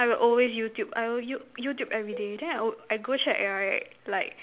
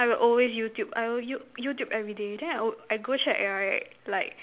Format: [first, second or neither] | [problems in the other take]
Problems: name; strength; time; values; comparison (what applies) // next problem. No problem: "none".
second | background sound (Cowbell); 19 dB below the speech